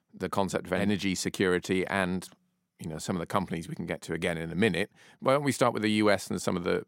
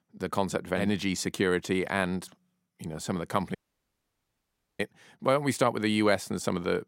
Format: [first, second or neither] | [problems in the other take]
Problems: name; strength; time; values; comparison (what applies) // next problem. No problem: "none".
first | audio cutting out; at 3.5 s for 1 s